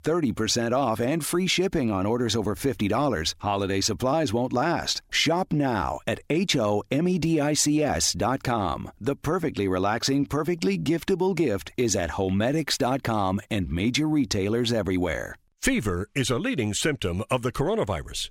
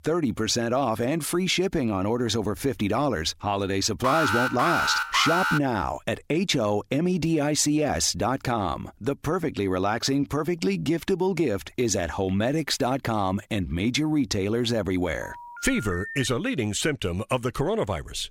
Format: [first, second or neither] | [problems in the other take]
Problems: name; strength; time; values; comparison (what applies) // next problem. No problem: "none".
first | alarm; loud; from 4 to 5.5 s; peak 2 dB above the speech // phone ringing; noticeable; from 15 to 16 s; peak 9 dB below the speech